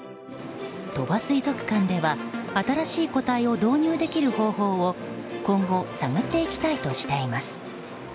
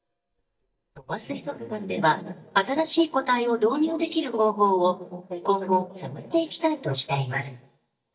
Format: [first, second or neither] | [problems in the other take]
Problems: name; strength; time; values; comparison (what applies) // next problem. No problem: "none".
first | noise reduction (neural mask model DeepFilterNet 3)